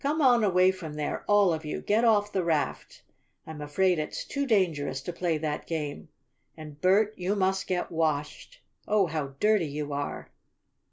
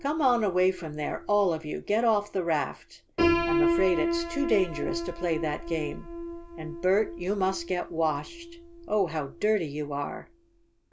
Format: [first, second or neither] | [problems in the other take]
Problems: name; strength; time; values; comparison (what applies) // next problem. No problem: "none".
first | background sound (Piano); 5 dB below the speech